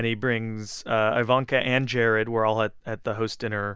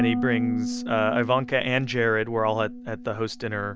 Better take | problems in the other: first | background sound (Harp); 5 dB below the speech

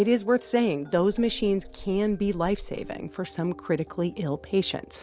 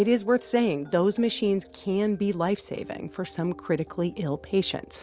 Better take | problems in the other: second | background sound (Meow); 16 dB below the speech

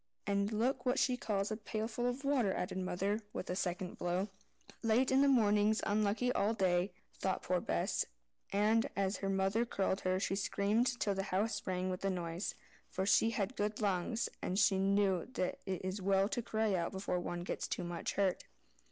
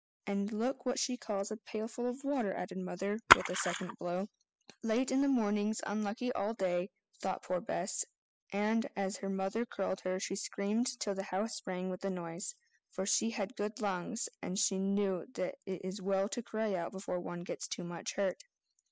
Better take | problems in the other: first | noise reduction (classical method spectral subtraction)

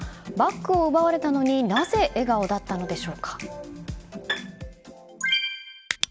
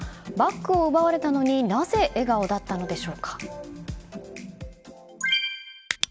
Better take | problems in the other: second | background sound (Bowed string instrument); 10 dB below the speech

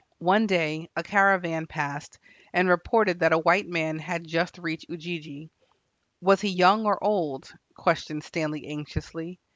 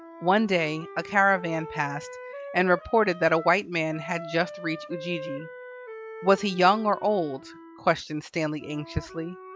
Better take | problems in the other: first | noise reduction (classical method log-MMSE)

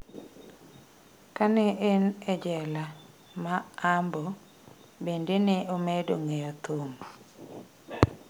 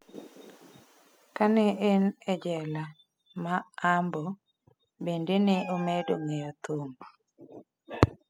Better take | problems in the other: first | noise reduction (classical method spectral subtraction)

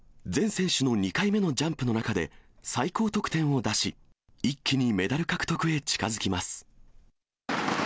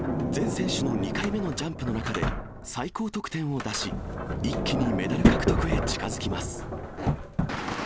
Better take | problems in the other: first | background sound (Sliding door); 3 dB above the speech

